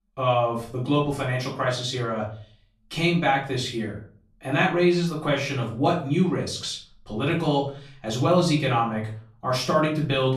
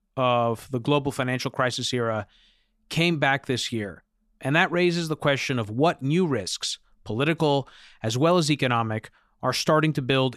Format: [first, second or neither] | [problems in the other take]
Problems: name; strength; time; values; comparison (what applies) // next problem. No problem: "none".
second | off-mic speech; far // room echo; slight; dies away in 0.4 s